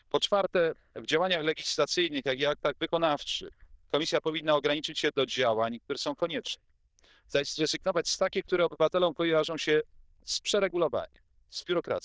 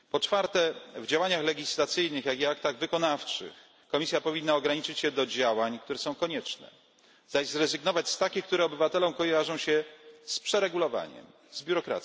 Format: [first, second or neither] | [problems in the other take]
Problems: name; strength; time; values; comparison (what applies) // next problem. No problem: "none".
second | noise reduction (neural diffusion model UNIVERSE++)